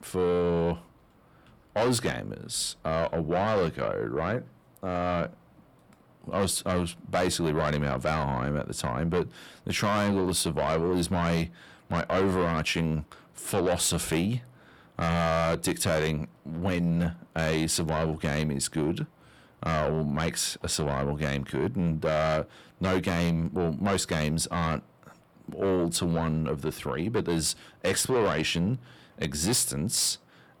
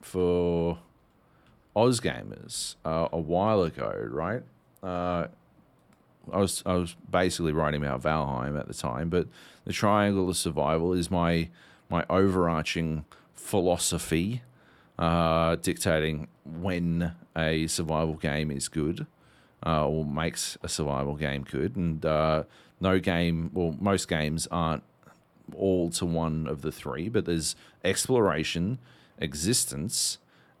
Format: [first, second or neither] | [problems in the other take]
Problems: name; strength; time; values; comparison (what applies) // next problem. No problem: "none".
second | distortion; heavy; 8 dB below the speech